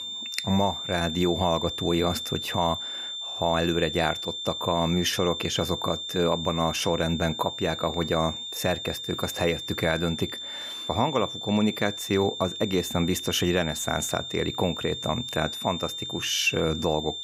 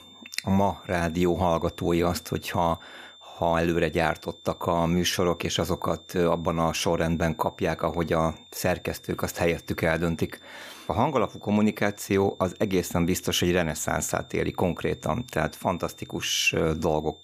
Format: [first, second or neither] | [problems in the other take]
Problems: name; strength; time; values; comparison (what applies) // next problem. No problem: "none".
second | high-pitched whine; loud; throughout; 3.5 kHz, 5 dB below the speech; faint in the second